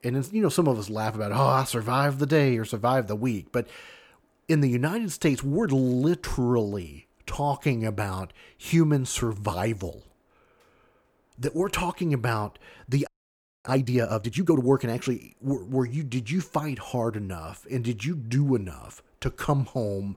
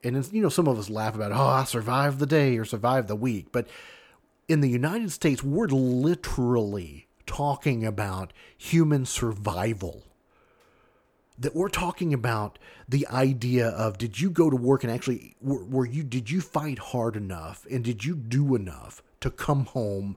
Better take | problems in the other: second | audio freezing; at 13 s for 0.5 s

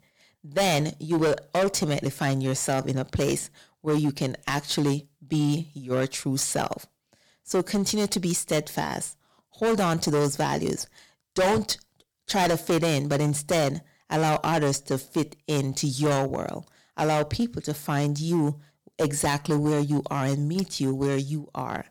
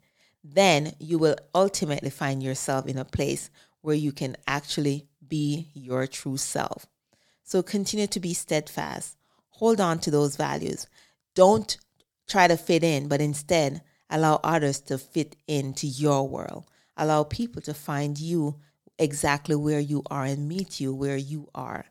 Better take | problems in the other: second | distortion; heavy; 11% of the sound clipped

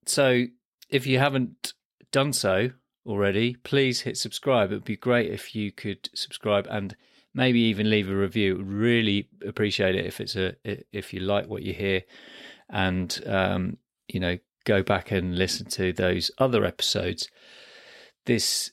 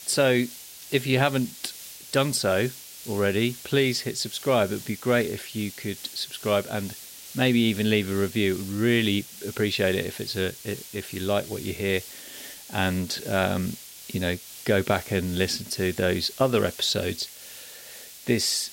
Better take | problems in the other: first | hiss; noticeable; throughout; 15 dB below the speech

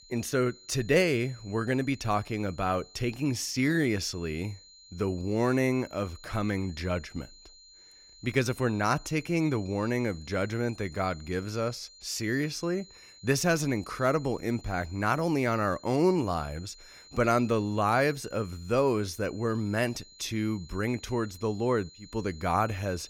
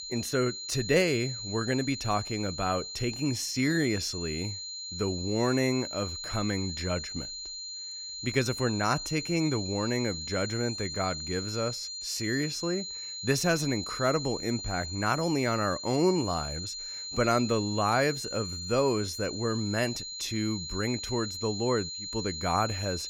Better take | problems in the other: first | high-pitched whine; loud; throughout; 4 kHz, 6 dB below the speech; faint in the first

